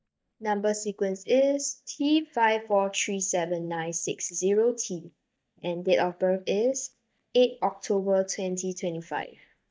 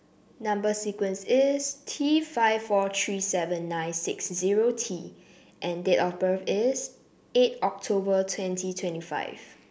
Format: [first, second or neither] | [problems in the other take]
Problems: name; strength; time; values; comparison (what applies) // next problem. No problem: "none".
second | noise reduction (neural mask model DeepFilterNet 3)